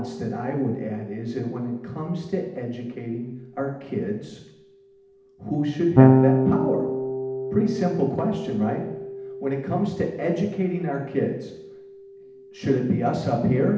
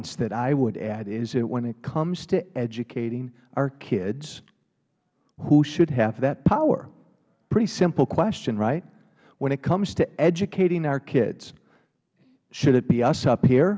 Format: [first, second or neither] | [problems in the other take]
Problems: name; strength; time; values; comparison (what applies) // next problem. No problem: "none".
second | background sound (Electric guitar / Bass guitar); 1 dB below the speech // room echo; dies away in 0.8 s